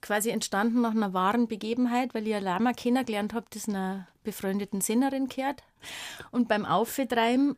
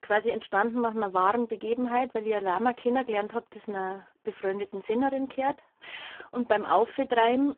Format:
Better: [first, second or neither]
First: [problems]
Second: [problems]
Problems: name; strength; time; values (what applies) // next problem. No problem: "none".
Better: first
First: none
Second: phone-call audio; poor line